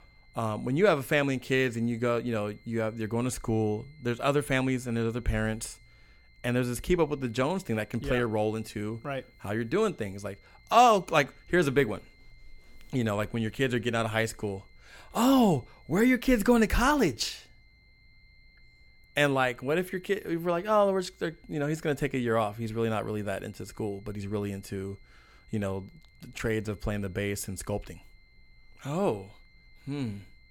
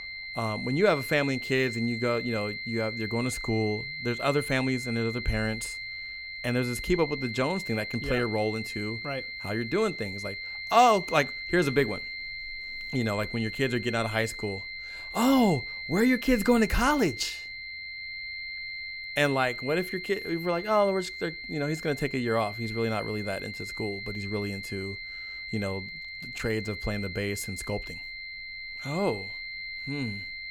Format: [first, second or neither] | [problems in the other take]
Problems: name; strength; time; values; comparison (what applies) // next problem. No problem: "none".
first | high-pitched whine; loud; throughout; 2 kHz, 7 dB below the speech; faint in the first